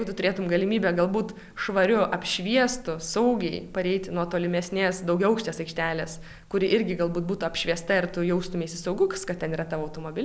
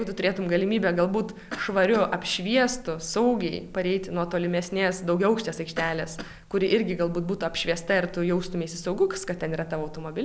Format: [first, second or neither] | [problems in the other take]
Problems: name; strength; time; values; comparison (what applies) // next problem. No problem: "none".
first | background sound (Cough); 16 dB below the speech